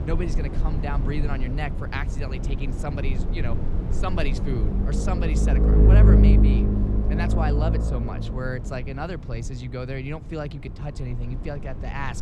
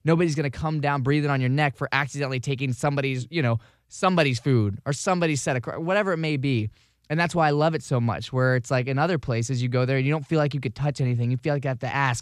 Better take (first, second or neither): second